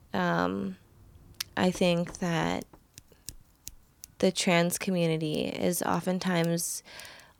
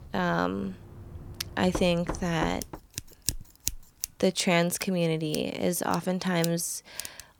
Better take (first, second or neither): first